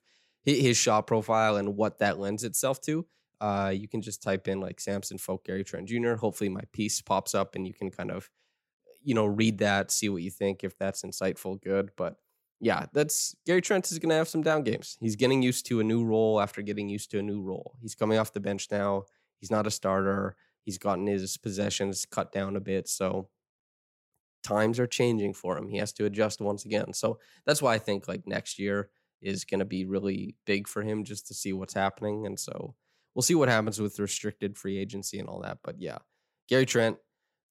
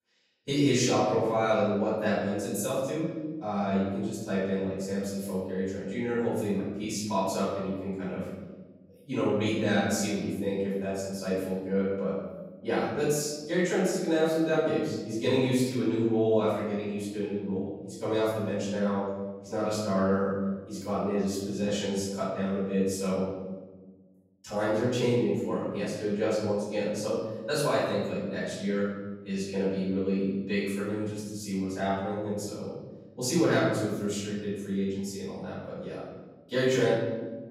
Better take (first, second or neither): first